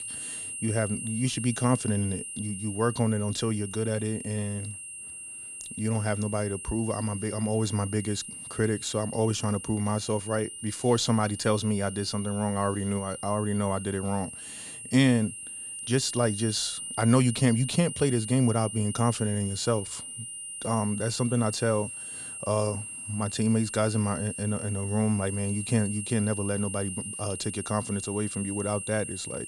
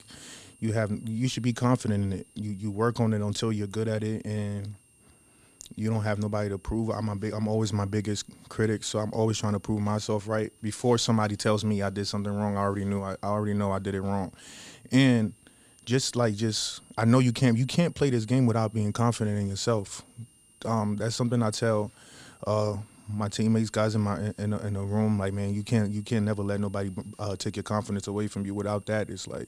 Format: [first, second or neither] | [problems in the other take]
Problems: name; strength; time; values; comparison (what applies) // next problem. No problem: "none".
second | high-pitched whine; loud; throughout; 8.5 kHz, 8 dB below the speech; faint in the second